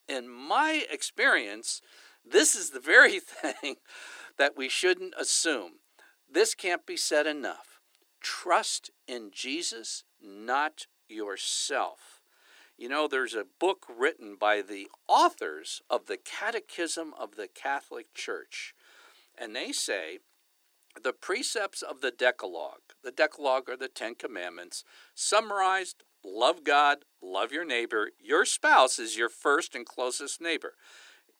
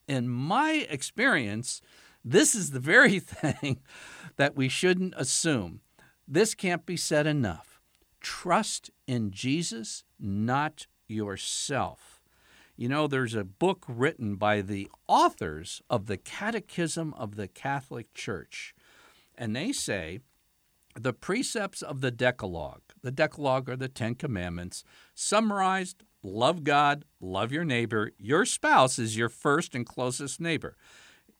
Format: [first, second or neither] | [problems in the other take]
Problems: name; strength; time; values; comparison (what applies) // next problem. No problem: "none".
second | thin; very; fading below 350 Hz